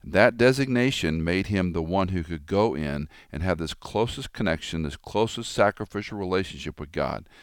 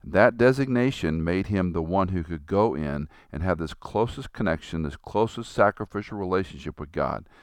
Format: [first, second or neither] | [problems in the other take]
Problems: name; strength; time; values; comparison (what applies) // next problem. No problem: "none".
first | muffled; slightly; fading above 1.5 kHz